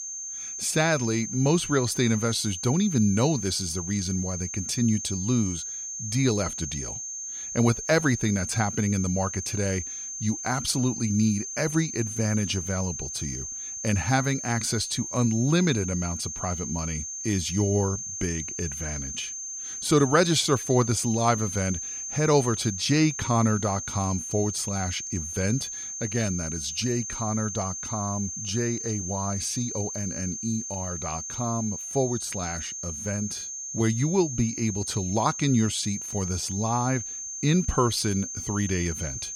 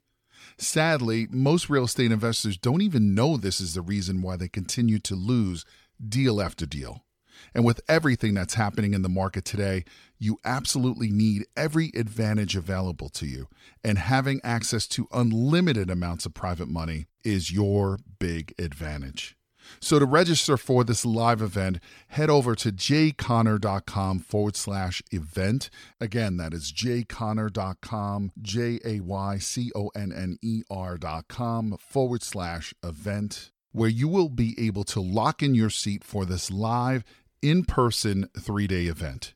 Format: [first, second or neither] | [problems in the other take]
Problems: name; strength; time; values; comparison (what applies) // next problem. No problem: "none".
second | high-pitched whine; loud; throughout; 6.5 kHz, 5 dB below the speech